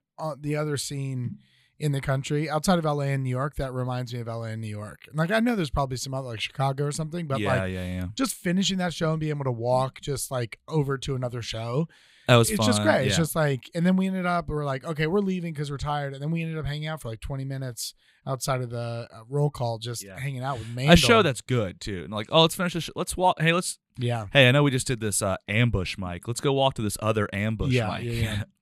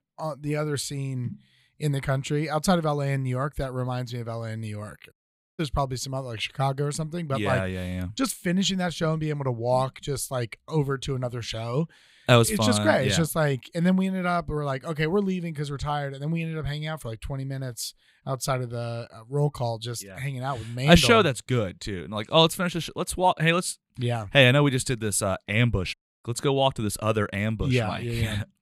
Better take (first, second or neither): first